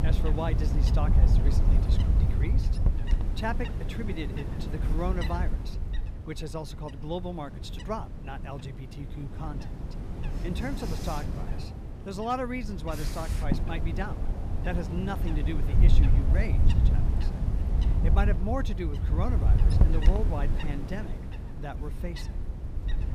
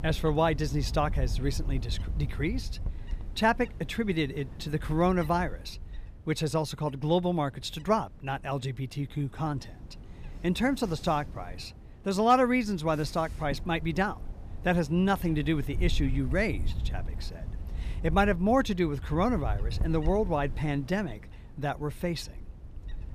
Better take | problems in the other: second | wind noise on the microphone; heavy; 5 dB below the speech; occasional gusts in the second

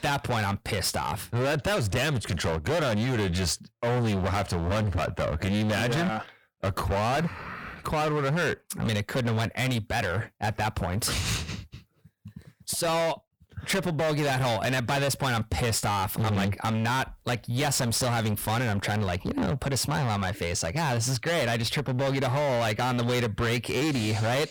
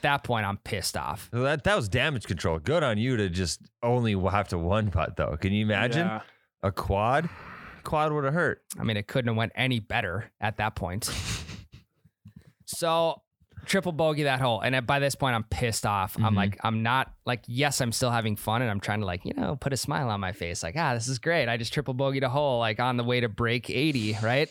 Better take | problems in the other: second | distortion; heavy; 28% of the sound clipped

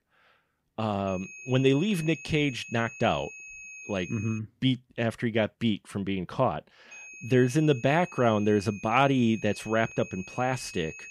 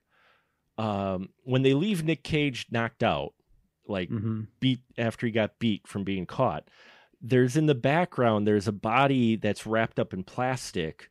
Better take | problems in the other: second | high-pitched whine; noticeable; from 1 to 4.5 s and from 7 s on; 2.5 kHz, 15 dB below the speech

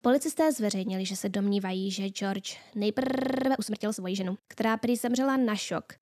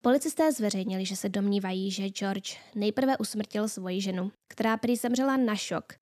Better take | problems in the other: second | audio freezing; at 3 s

